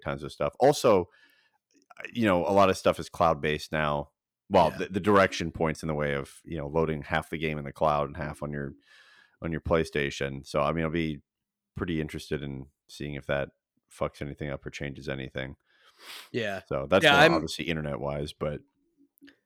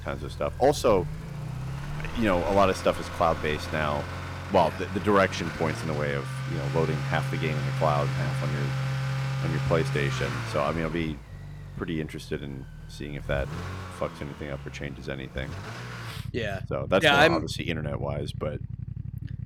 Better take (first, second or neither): first